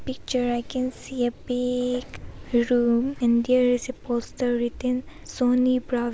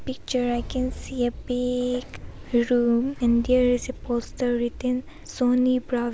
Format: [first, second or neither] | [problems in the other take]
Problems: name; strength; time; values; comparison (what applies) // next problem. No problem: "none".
first | background sound (Boom); 14 dB below the speech